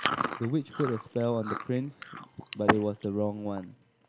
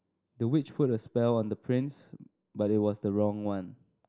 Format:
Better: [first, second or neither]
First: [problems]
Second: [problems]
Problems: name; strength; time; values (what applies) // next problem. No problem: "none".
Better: second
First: background sound (Chewing, mastication); 3 dB below the speech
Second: none